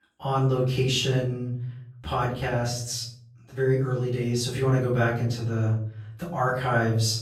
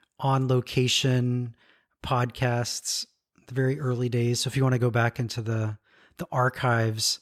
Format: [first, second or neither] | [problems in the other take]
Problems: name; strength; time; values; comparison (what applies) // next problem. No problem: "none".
second | off-mic speech; far // room echo; noticeable; dies away in 0.7 s